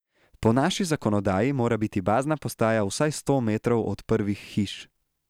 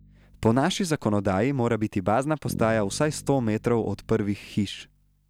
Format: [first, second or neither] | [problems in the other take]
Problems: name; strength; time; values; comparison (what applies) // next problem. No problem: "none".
first | background sound (Bass guitar); 18 dB below the speech